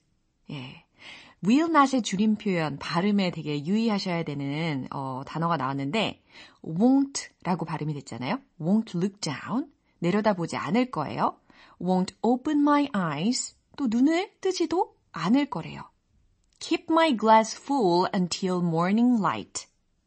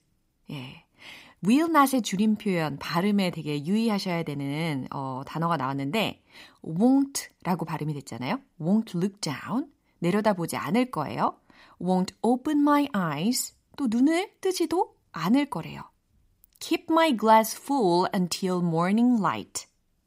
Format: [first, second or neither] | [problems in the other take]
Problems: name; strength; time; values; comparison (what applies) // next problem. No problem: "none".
second | garbled, watery; slightly; nothing above 8 kHz